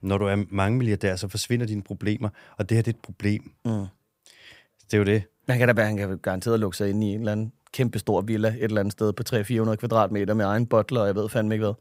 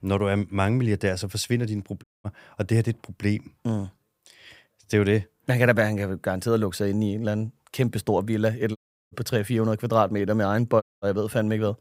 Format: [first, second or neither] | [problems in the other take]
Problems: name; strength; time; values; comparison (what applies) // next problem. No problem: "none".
first | audio cutting out; at 2 s, at 9 s and at 11 s